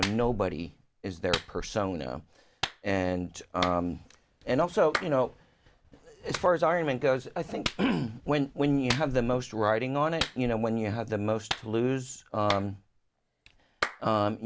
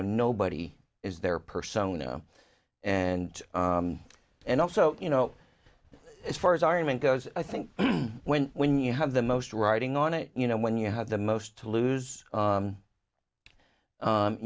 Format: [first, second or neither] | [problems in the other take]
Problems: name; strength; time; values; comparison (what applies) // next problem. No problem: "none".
second | background sound (Clapping); 10 dB below the speech